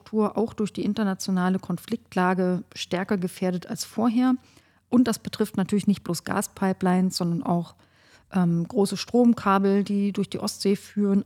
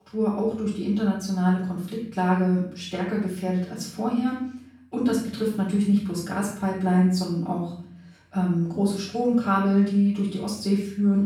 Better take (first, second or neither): first